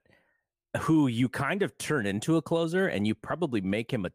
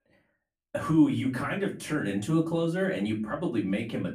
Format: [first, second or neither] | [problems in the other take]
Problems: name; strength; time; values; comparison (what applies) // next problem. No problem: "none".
first | off-mic speech; far // room echo; very slight; dies away in 0.3 s